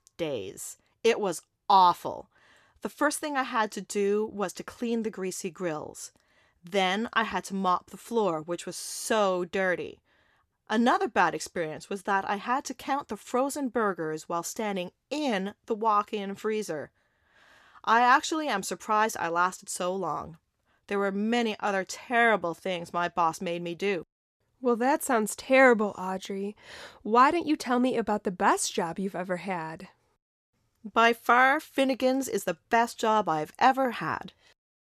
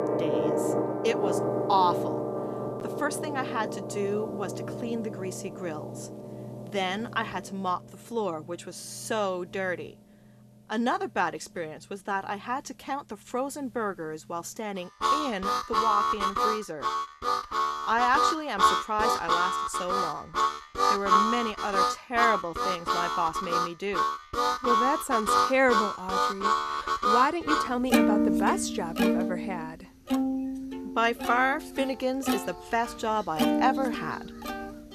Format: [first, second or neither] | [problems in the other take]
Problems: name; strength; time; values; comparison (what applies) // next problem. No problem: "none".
first | background music; very loud; throughout; 2 dB above the speech